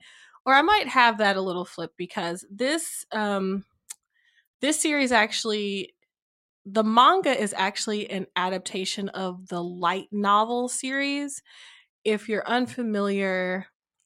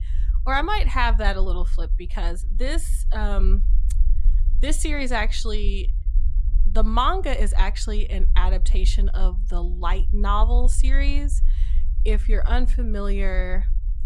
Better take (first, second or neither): first